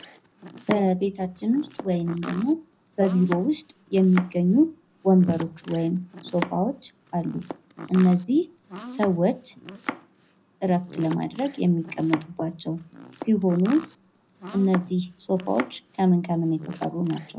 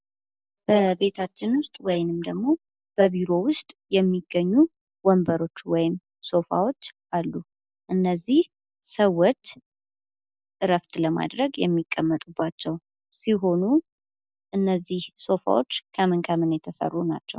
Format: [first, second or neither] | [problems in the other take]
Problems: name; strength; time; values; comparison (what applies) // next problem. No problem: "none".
second | background sound (Domestic sounds, home sounds); 14 dB below the speech // room echo; dies away in 0.4 s